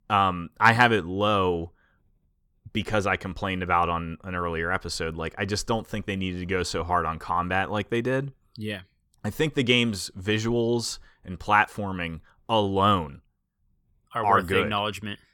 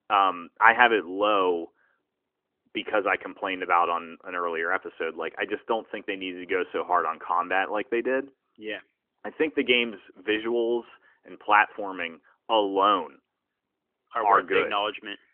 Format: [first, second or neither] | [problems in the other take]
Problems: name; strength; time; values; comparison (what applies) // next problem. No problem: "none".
first | phone-call audio; nothing above 3 kHz